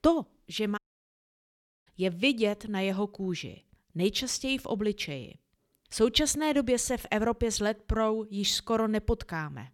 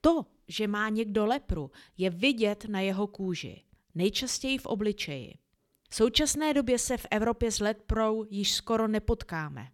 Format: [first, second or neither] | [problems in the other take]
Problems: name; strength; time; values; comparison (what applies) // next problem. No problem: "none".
second | audio cutting out; at 1 s for 1 s